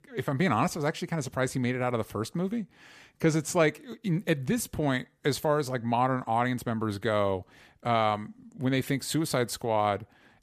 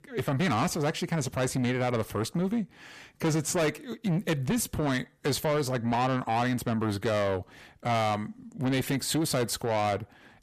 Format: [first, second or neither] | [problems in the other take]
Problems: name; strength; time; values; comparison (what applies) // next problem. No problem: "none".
first | distortion; heavy; 8 dB below the speech